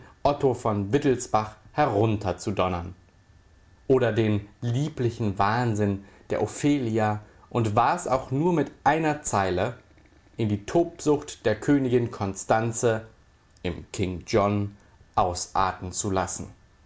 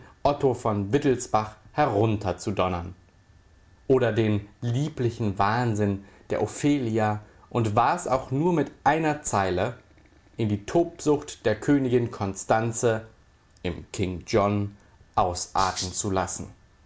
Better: first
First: none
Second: background sound (Rattle (instrument)); 11 dB below the speech

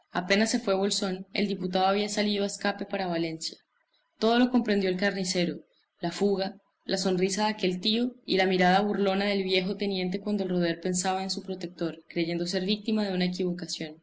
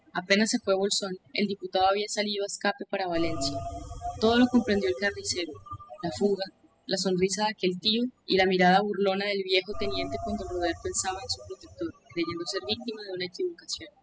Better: first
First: none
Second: noise reduction (classical method spectral subtraction)

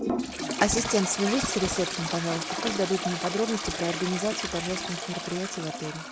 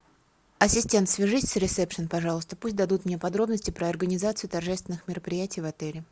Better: second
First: background sound (Toilet flush); 3 dB below the speech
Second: none

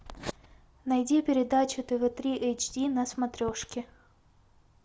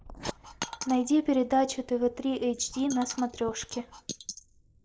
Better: first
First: none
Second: noise reduction (neural mask model Resemble Enhance denoiser)

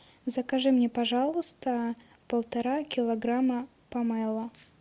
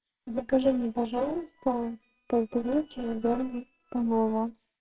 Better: first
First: none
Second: noise reduction (neural separator model SepFormer WHAMR!)

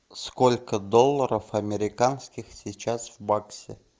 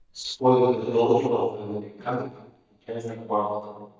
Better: first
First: none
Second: noise reduction (neural mask model DeepFilterNet 3)

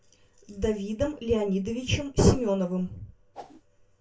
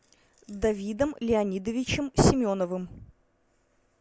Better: second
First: background sound (Whoosh, swoosh, swish); 18 dB below the speech // room echo; dies away in 0.2 s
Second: none

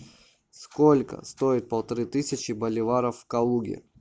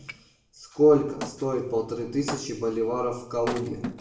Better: first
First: none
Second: background sound (Wood); 13 dB below the speech // room echo; dies away in 0.7 s

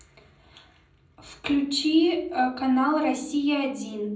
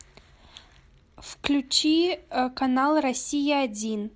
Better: second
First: room echo; dies away in 0.6 s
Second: none

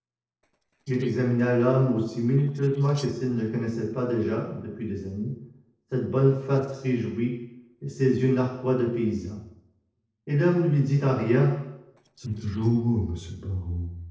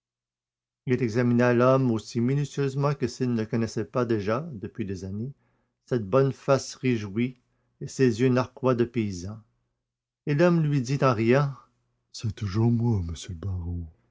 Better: second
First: noise reduction (neural separator model SepFormer DNS4)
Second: none

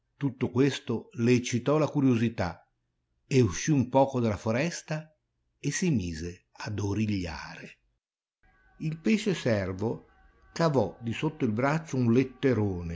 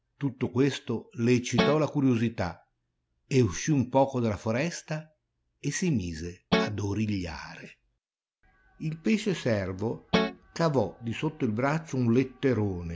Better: first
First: none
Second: background sound (Guitar); 1 dB above the speech

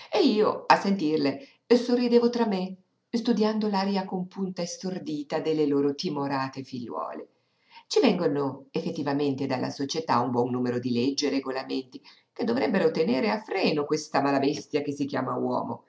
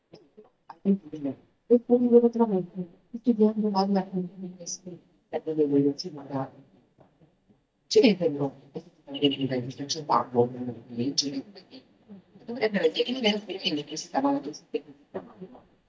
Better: first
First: none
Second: noise reduction (neural mask model DeepFilterNet 3)

